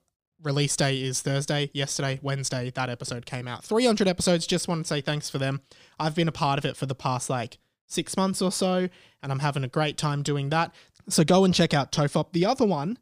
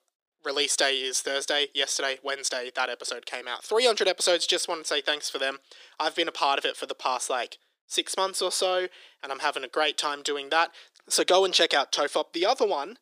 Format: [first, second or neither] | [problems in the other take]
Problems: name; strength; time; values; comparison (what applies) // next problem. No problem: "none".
first | thin; very; fading below 350 Hz